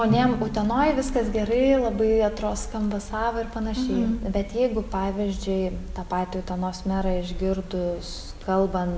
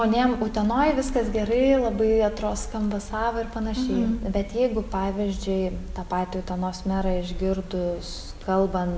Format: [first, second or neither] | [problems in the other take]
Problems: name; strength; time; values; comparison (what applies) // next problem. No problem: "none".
second | background sound (Drum); 16 dB below the speech